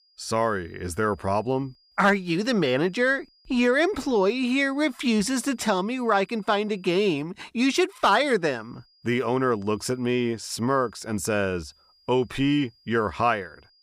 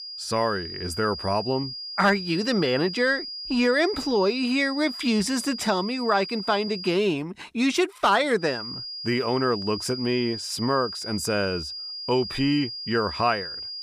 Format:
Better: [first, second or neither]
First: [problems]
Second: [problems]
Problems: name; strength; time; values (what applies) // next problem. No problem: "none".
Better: first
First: high-pitched whine; faint; until 7 s and from 8.5 s on; 5 kHz, 35 dB below the speech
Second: high-pitched whine; loud; until 7 s and from 8.5 s on; 5 kHz, 8 dB below the speech